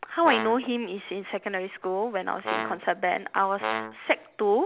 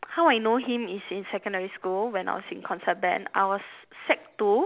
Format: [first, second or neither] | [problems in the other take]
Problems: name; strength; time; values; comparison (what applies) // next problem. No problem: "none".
second | background sound (Brass instrument); 7 dB below the speech